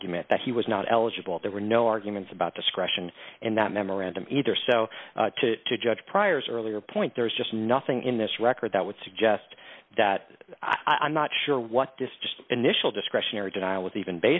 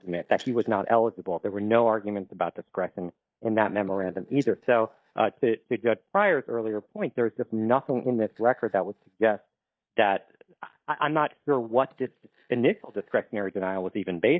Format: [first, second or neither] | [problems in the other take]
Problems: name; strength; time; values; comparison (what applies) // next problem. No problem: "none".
first | noise reduction (neural mask model DeepFilterNet 3)